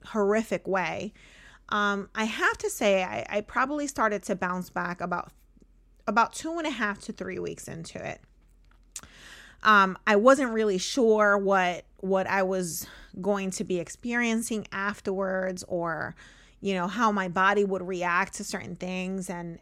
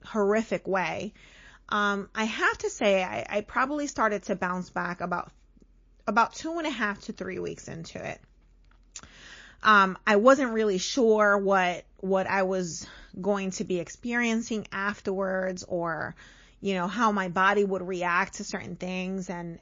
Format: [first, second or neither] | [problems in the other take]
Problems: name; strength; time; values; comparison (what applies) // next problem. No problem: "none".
first | garbled, watery; slightly; nothing above 6.5 kHz